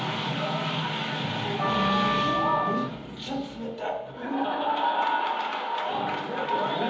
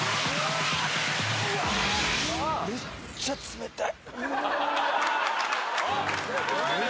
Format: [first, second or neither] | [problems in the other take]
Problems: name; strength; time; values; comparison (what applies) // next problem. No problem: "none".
second | background sound (Wind instrument, woodwind instrument); 2 dB below the speech // room echo; dies away in 1.3 s